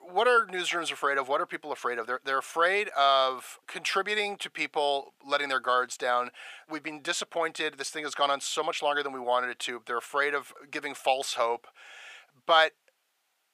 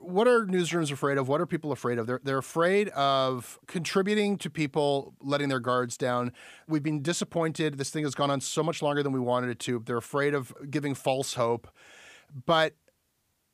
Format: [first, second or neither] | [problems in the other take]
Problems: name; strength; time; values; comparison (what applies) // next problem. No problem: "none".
second | thin; very; fading below 550 Hz